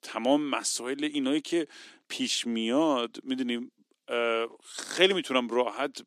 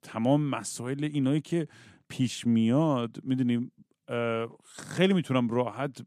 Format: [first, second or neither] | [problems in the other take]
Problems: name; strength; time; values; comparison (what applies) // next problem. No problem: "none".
second | thin; very slightly; fading below 300 Hz